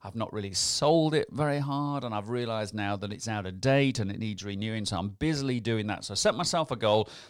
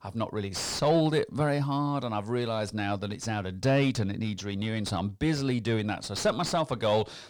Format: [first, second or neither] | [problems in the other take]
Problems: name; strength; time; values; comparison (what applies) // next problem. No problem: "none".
first | distortion; slight; 10 dB below the speech